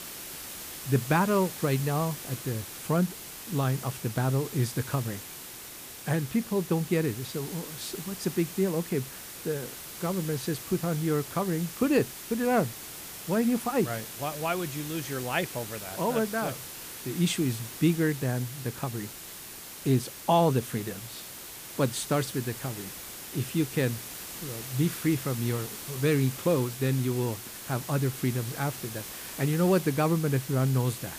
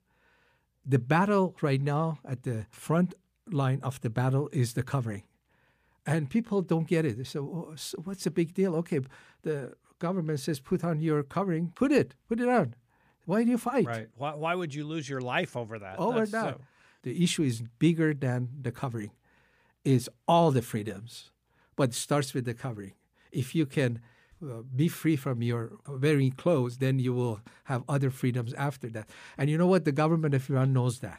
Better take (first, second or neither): second